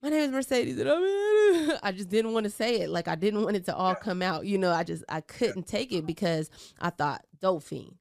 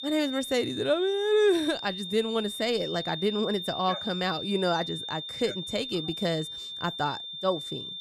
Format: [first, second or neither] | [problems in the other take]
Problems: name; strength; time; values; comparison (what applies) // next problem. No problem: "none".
first | high-pitched whine; loud; throughout; 3.5 kHz, 6 dB below the speech